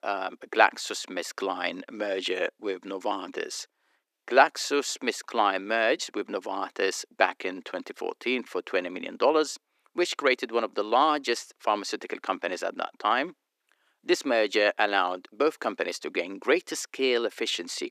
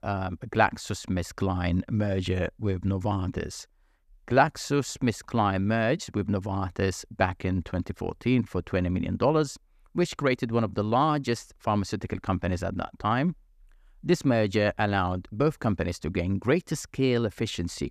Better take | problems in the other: second | thin; somewhat; fading below 300 Hz

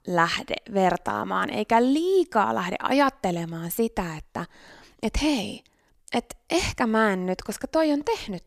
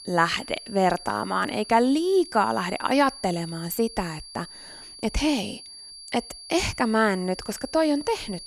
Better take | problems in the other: first | high-pitched whine; noticeable; throughout; 4.5 kHz, 15 dB below the speech

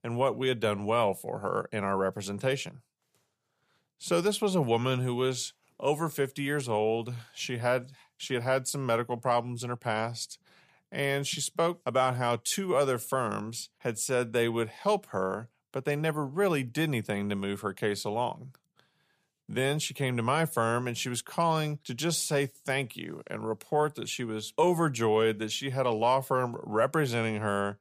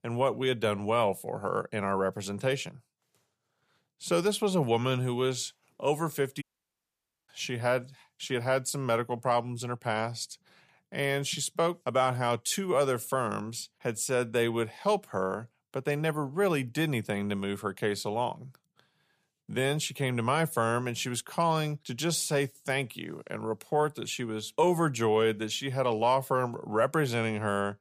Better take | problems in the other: first | audio cutting out; at 6.5 s for 1 s

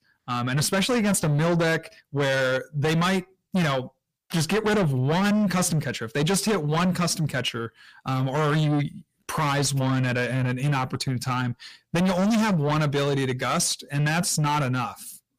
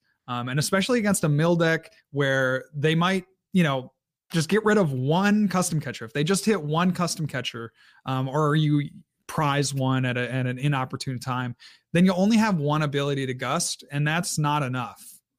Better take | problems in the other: second | distortion; heavy; 7 dB below the speech

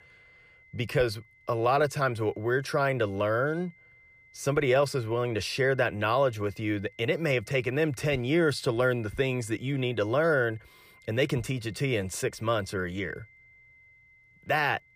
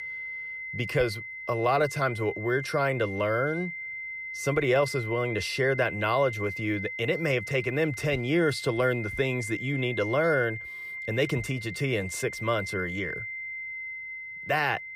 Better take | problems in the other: first | high-pitched whine; loud; throughout; 2 kHz, 7 dB below the speech; faint in the first

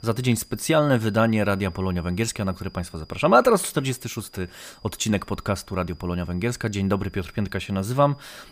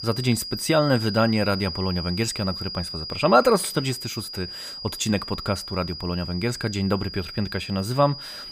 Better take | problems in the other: first | high-pitched whine; loud; throughout; 5 kHz, 8 dB below the speech; faint in the first

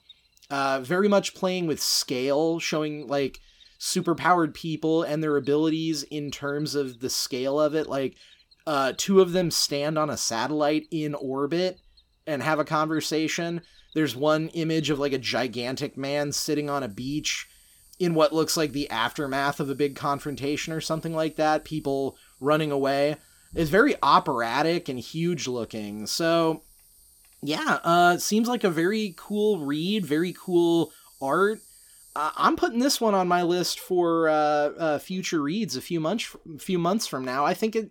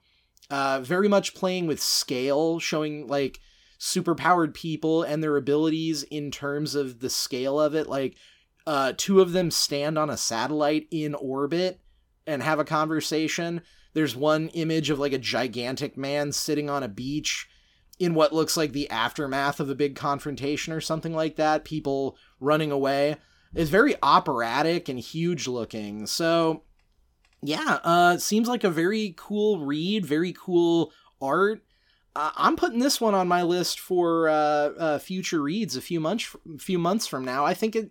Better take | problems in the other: second | animal sounds; faint; throughout; 30 dB below the speech

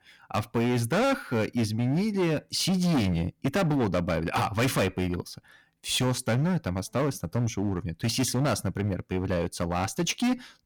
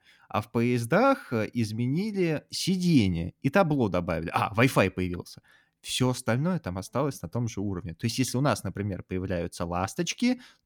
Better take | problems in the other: second | distortion; heavy; 15% of the sound clipped

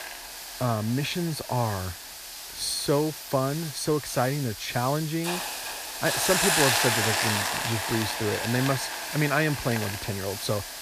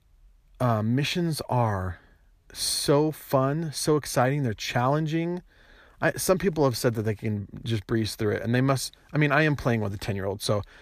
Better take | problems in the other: second | hiss; loud; throughout; 1 dB below the speech

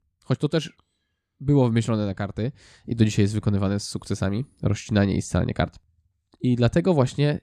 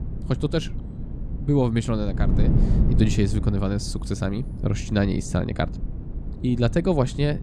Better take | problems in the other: first | wind noise on the microphone; occasional gusts; 10 dB below the speech

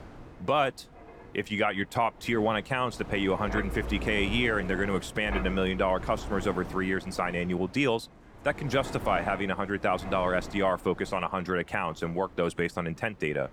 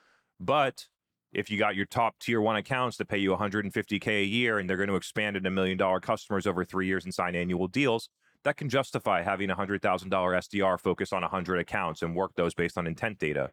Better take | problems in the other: second | wind noise on the microphone; occasional gusts; 15 dB below the speech

